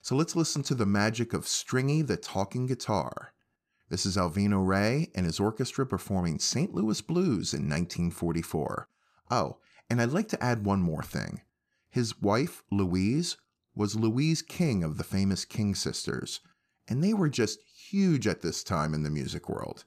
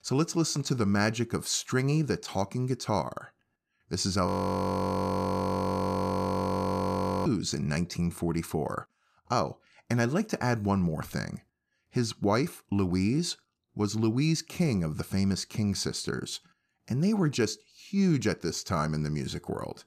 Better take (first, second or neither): first